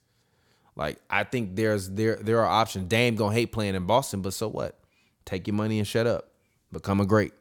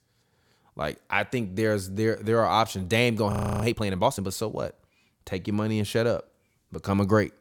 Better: first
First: none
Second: audio freezing; at 3.5 s

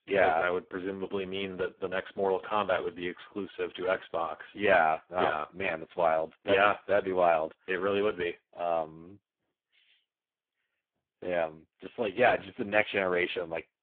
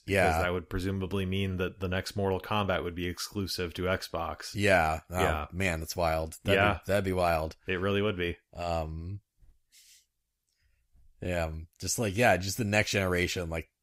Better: second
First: phone-call audio; poor line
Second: none

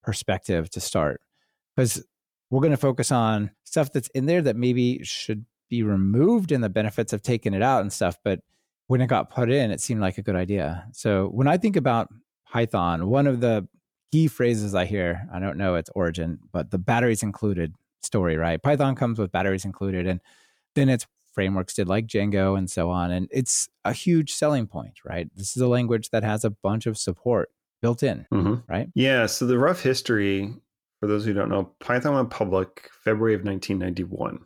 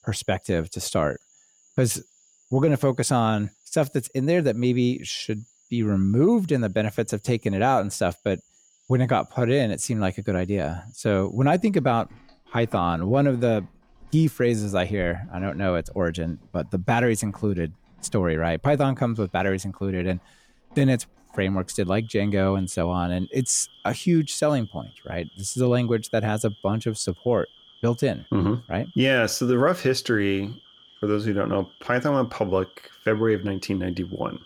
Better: first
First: none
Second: animal sounds; faint; throughout; 25 dB below the speech

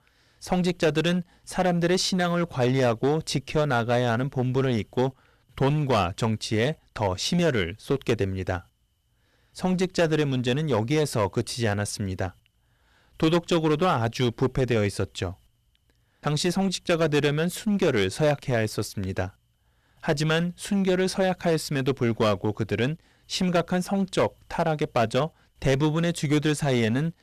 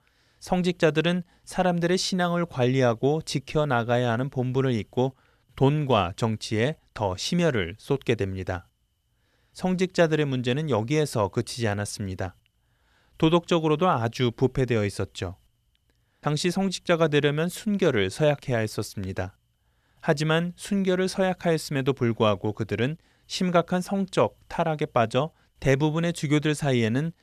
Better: second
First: distortion; slight; 8% of the sound clipped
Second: none

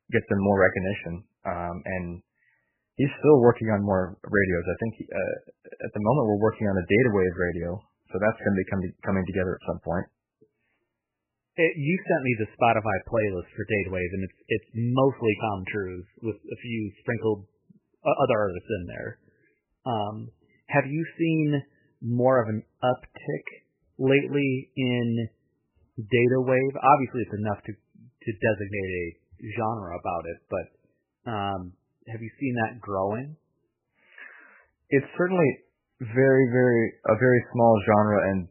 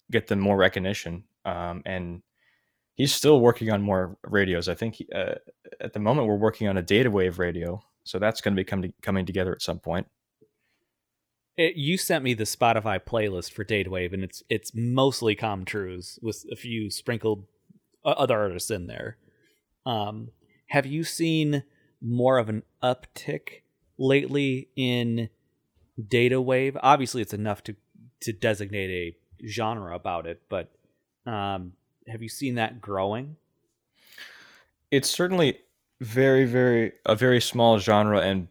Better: second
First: garbled, watery; badly; nothing above 3 kHz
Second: none

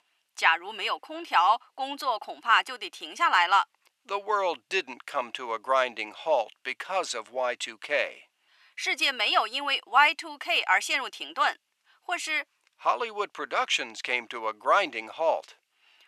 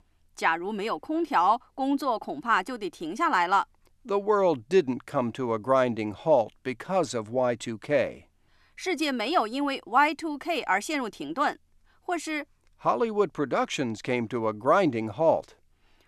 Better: second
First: thin; very; fading below 750 Hz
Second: none

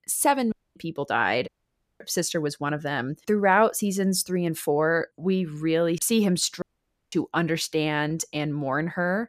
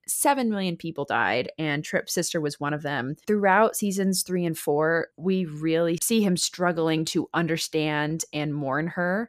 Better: second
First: audio cutting out; at 0.5 s, at 1.5 s for 0.5 s and at 6.5 s for 0.5 s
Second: none

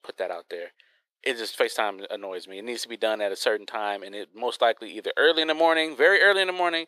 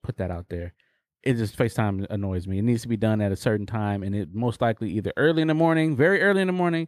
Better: second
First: thin; very; fading below 450 Hz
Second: none

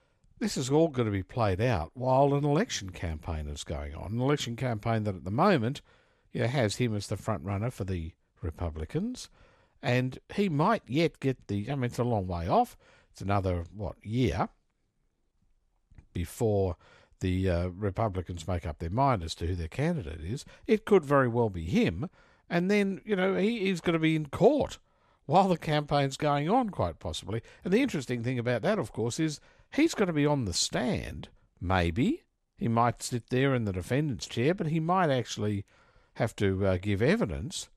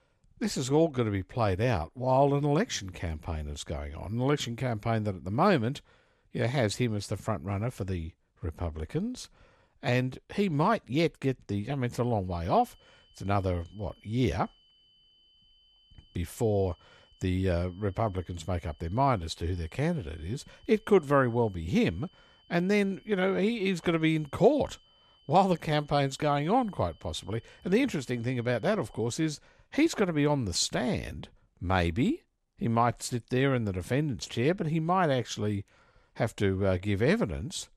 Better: first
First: none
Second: high-pitched whine; faint; from 12 to 29 s; 3 kHz, 30 dB below the speech

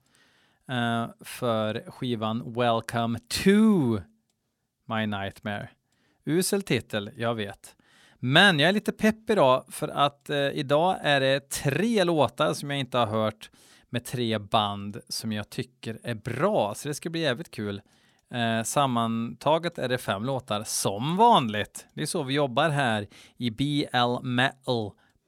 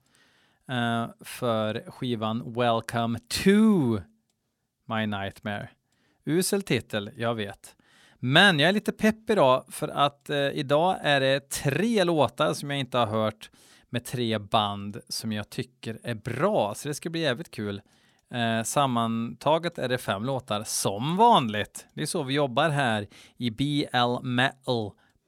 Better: neither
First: none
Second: none

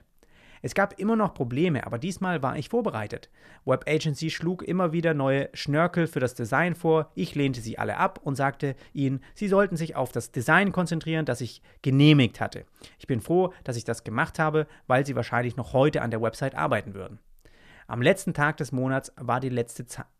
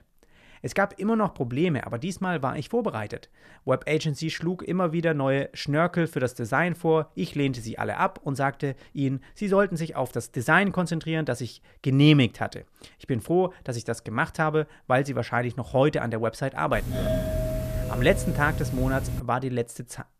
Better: first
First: none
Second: doorbell; noticeable; from 17 to 19 s; peak 1 dB below the speech

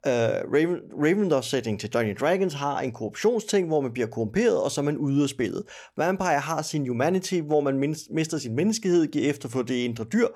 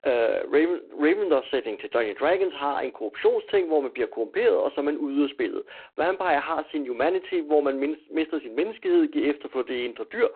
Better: first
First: none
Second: phone-call audio; poor line

